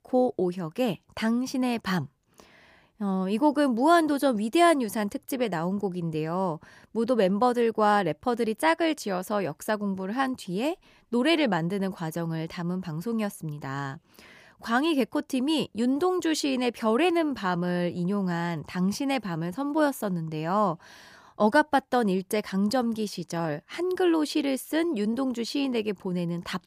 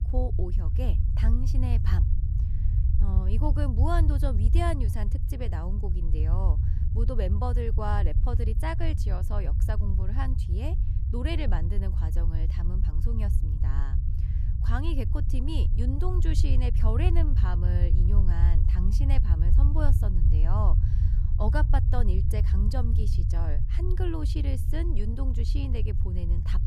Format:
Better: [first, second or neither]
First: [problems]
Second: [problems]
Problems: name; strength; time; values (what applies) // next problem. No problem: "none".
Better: first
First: none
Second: low rumble; loud; throughout; 6 dB below the speech